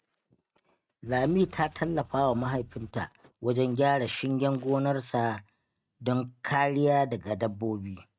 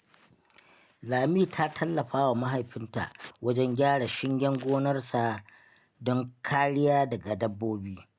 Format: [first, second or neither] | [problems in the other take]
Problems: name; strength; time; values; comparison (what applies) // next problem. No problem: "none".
second | noise reduction (neural mask model RNNoise)